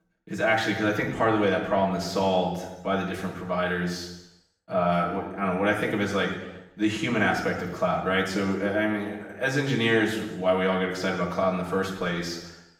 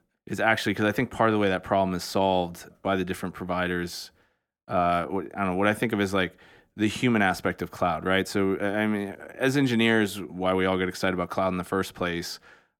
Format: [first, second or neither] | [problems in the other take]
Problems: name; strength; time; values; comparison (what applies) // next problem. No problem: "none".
second | room echo; noticeable; dies away in 1 s // off-mic speech; far